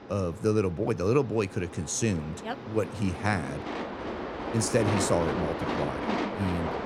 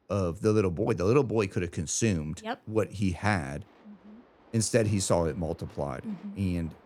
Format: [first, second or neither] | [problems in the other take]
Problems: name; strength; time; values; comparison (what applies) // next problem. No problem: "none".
second | train or aircraft noise; loud; throughout; 4 dB below the speech; faint in the second